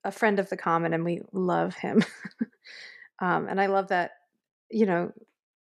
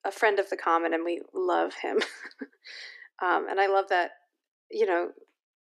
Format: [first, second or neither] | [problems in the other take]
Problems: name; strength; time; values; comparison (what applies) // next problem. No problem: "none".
first | thin; very; fading below 300 Hz